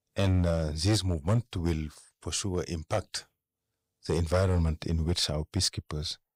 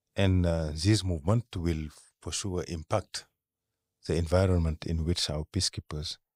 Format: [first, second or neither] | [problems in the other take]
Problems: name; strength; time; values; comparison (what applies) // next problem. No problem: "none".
second | distortion; slight; 3% of the sound clipped